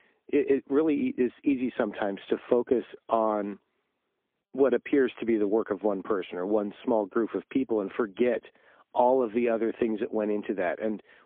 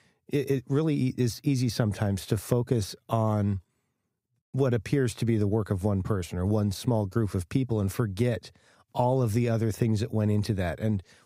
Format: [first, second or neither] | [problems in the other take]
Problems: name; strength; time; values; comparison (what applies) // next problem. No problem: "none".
second | phone-call audio; poor line; nothing above 3.5 kHz